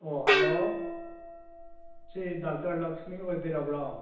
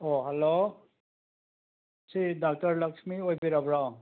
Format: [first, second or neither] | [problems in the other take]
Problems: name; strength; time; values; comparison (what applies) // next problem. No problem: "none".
second | background sound (Gong); 1 dB above the speech // room echo; dies away in 0.9 s